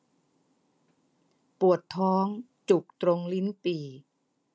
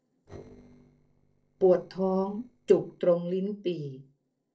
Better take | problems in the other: first | noise reduction (neural separator model SepFormer DNS4)

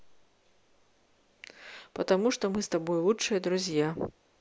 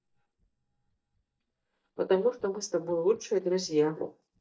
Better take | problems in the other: first | noise reduction (neural mask model DeepFilterNet 3)

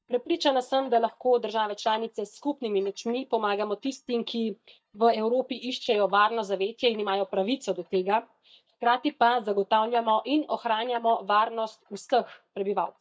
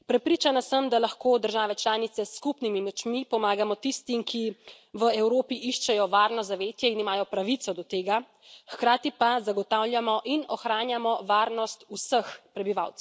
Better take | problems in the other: second | noise reduction (neural mask model DeepFilterNet 3)

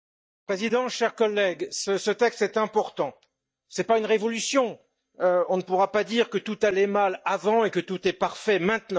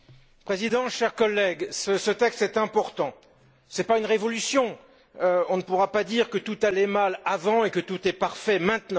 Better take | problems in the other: second | noise reduction (neural mask model DeepFilterNet 3)

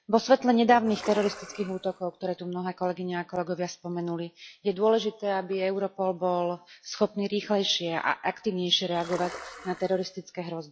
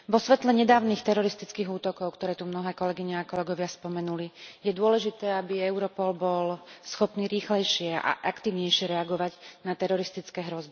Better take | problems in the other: second | noise reduction (classical method log-MMSE)

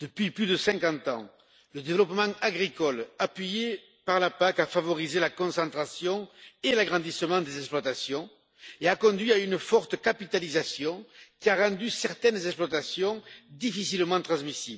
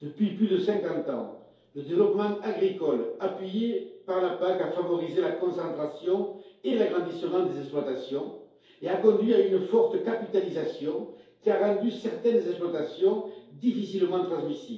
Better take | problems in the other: first | room echo; dies away in 2.4 s

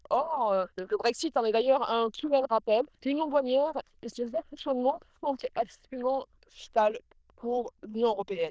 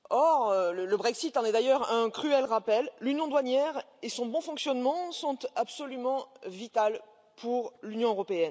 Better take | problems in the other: second | noise reduction (neural diffusion model UNIVERSE++)

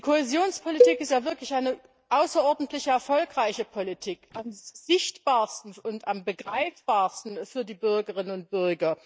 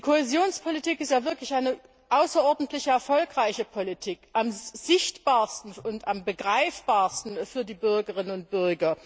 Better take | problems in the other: second | noise reduction (neural mask model DeepFilterNet 3)

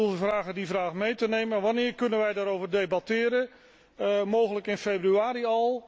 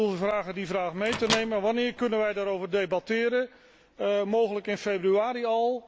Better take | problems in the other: first | background sound (Microwave oven); 10 dB below the speech

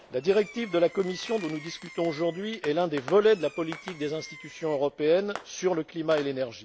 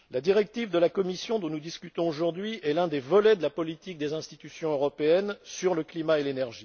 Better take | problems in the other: second | background sound (Fireworks); 18 dB below the speech

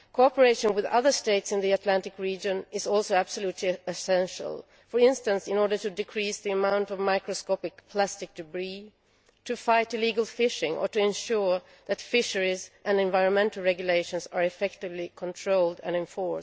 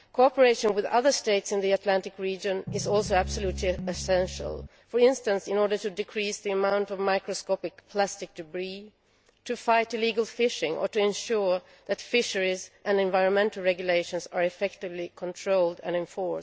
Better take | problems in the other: first | background sound (Piano); 9 dB below the speech

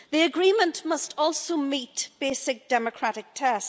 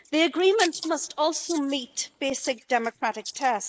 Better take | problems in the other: first | noise reduction (neural mask model Resemble Enhance denoiser)

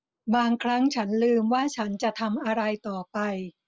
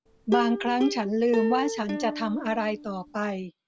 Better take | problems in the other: first | background sound (Plucked string instrument); 6 dB below the speech

